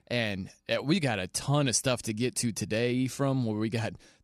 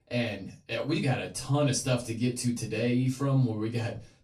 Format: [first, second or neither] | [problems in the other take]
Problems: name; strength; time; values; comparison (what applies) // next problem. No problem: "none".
first | off-mic speech; far // room echo; very slight; dies away in 0.2 s